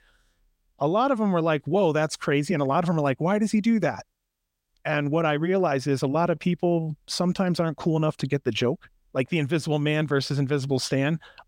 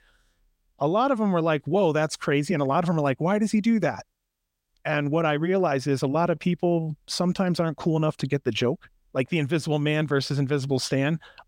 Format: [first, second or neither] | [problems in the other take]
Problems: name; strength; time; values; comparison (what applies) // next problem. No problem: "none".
neither | none